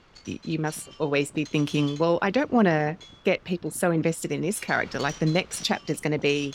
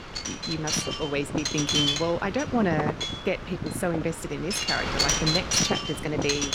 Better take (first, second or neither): first